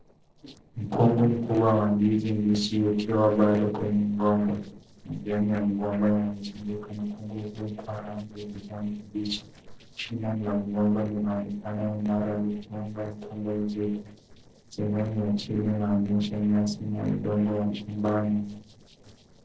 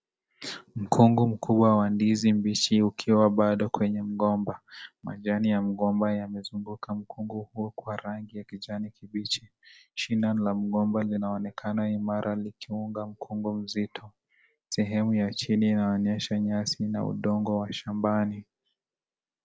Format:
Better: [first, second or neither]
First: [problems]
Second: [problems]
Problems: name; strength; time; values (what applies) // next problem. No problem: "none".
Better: second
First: noise reduction (neural separator model SepFormer DNS4)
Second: none